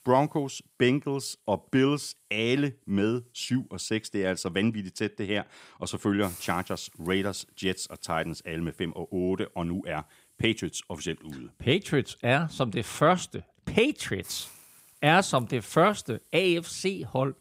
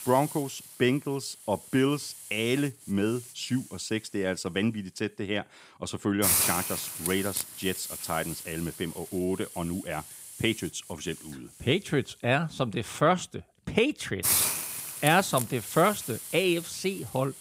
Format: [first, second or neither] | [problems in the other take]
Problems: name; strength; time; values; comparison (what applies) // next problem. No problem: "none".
first | hiss; loud; throughout; 2 dB below the speech; faint in the first